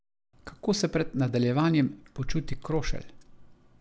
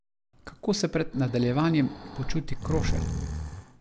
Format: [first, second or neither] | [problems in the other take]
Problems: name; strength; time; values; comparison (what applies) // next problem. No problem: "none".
first | background sound (Breathing); 6 dB below the speech